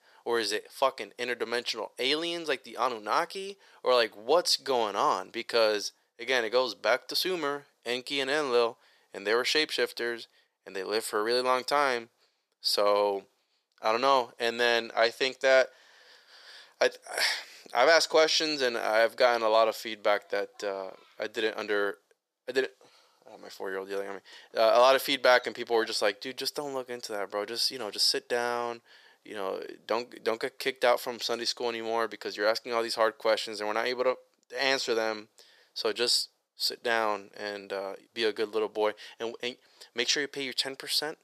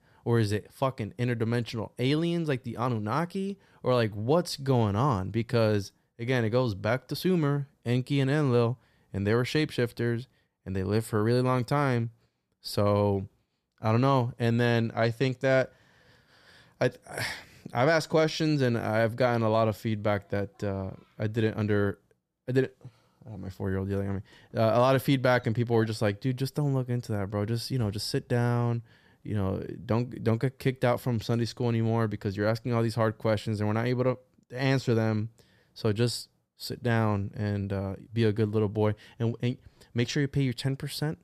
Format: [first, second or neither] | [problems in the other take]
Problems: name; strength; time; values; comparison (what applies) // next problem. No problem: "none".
second | thin; very; fading below 450 Hz